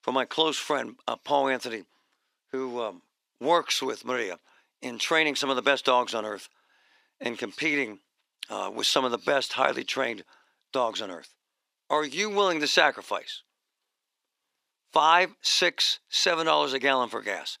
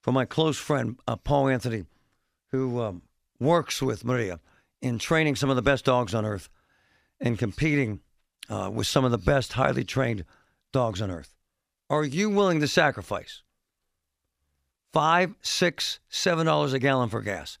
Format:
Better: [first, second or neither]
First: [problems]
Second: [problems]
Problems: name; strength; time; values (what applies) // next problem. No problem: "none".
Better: second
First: thin; somewhat; fading below 300 Hz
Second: none